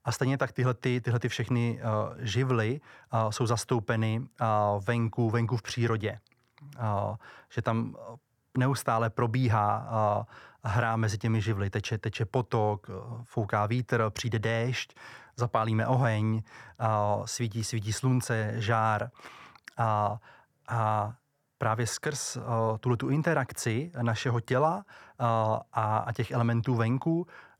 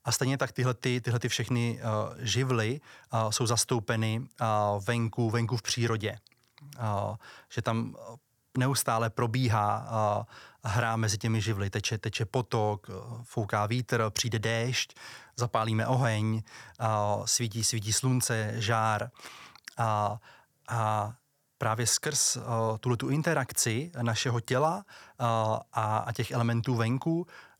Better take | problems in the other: second | muffled; slightly; fading above 3 kHz

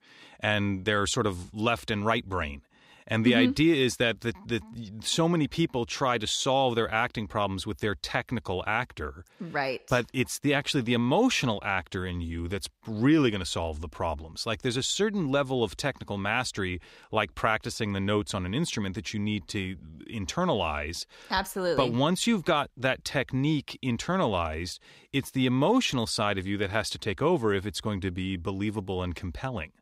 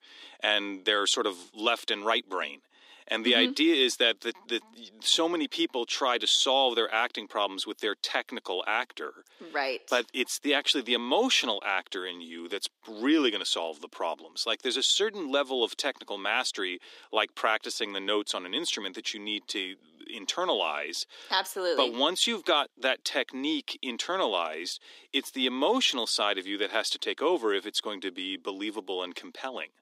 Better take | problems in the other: first | thin; somewhat; fading below 300 Hz

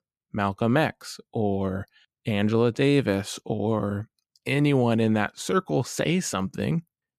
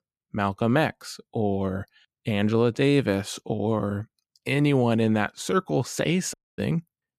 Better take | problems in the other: first | audio cutting out; at 6.5 s

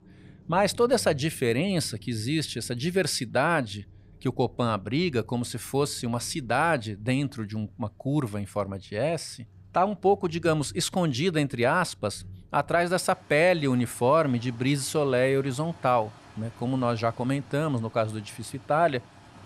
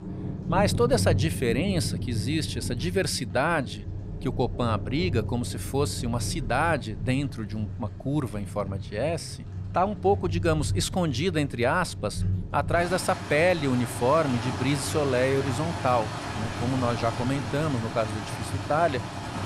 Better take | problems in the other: first | rain or running water; loud; throughout; 6 dB below the speech; faint in the first

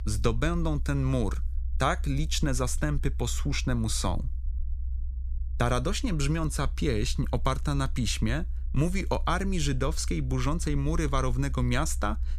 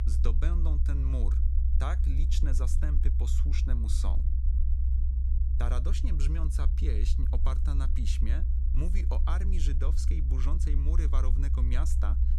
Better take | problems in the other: first | low rumble; loud; throughout; 5 dB below the speech; faint in the first

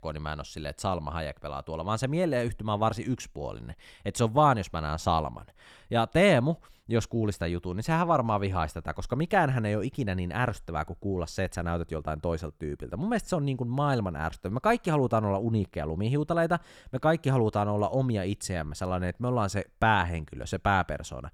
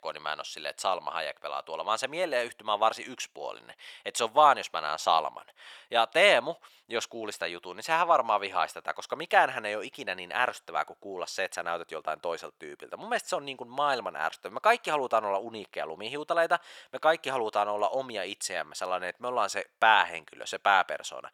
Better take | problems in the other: first | thin; very; fading below 700 Hz

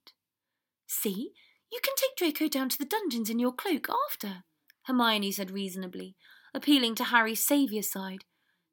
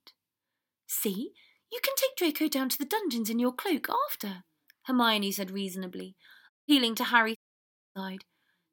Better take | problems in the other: first | audio cutting out; at 6.5 s and at 7.5 s for 0.5 s

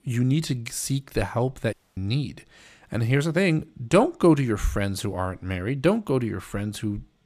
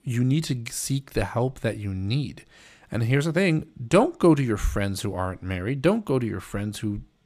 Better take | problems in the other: second | audio cutting out; at 1.5 s

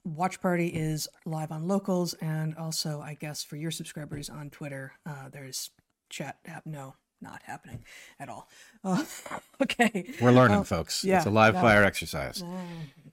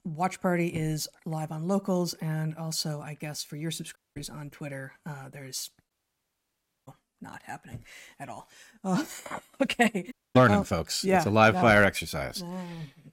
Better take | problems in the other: first | audio cutting out; at 4 s, at 6 s for 1 s and at 10 s

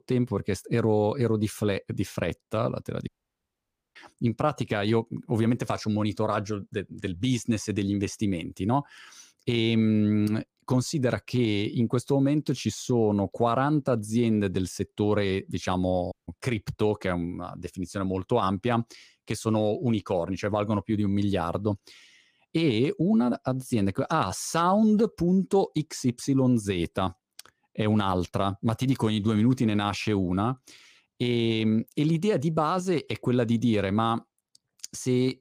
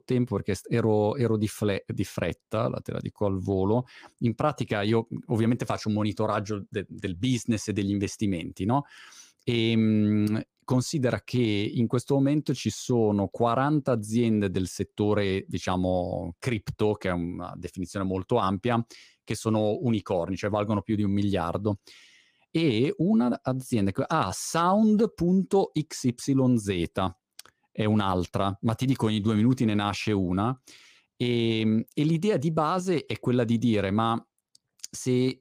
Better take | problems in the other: second | audio cutting out; at 3 s for 1 s and at 16 s

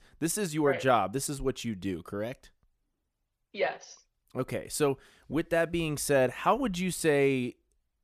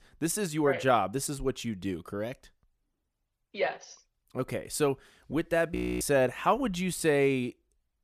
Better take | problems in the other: first | audio freezing; at 6 s

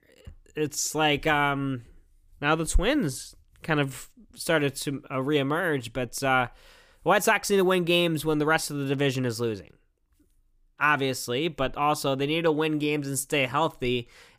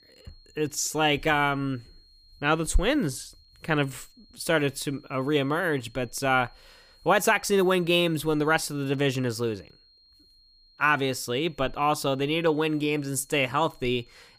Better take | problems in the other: first | high-pitched whine; faint; throughout; 4 kHz, 30 dB below the speech

